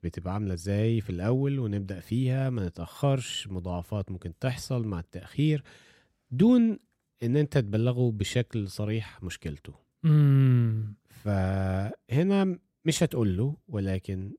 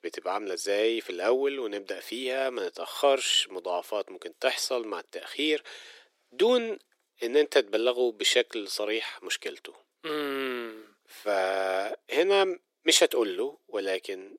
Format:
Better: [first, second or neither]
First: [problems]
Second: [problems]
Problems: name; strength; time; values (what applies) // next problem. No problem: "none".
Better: first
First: none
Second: thin; very; fading below 350 Hz